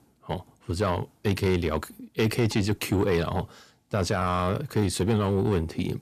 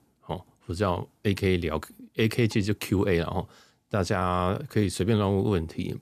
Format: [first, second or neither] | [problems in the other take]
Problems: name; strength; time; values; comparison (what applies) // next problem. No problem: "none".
second | distortion; slight; 10 dB below the speech